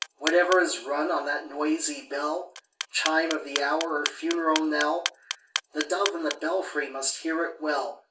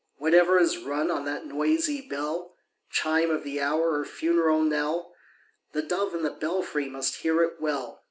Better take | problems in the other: second | background sound (Clock); 9 dB below the speech // room echo; dies away in 0.2 s

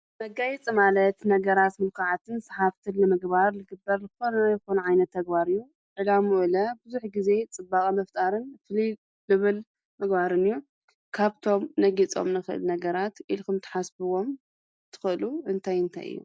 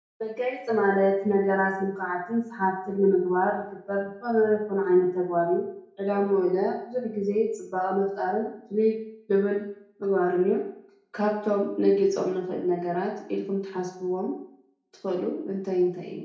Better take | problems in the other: first | room echo; dies away in 0.6 s

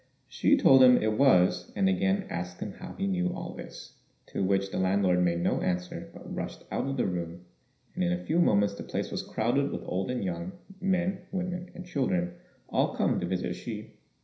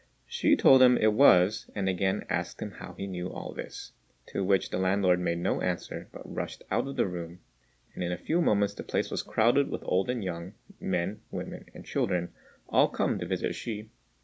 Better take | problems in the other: second | room echo; dies away in 0.5 s

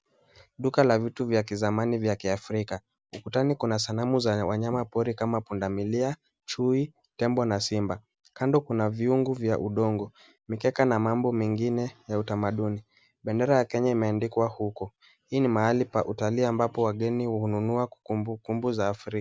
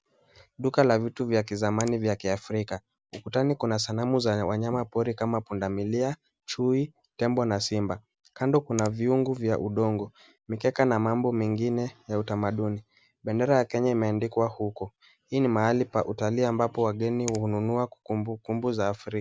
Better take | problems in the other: first | background sound (Finger snapping); 19 dB below the speech

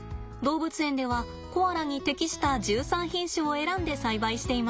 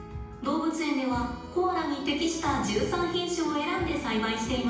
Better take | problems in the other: first | room echo; dies away in 0.9 s

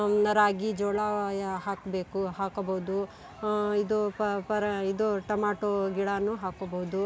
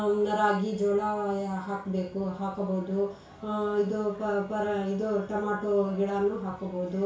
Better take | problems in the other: first | room echo; dies away in 0.3 s

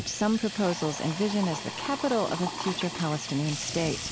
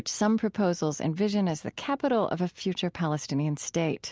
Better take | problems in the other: second | background sound (Sink (filling or washing) / Water tap, faucet); 8 dB below the speech

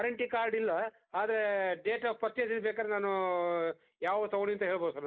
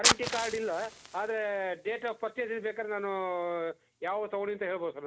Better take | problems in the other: first | background sound (Fire); 3 dB below the speech

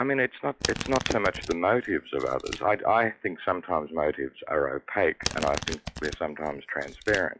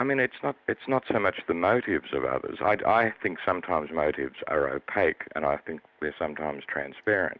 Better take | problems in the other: second | noise reduction (classical method log-MMSE)

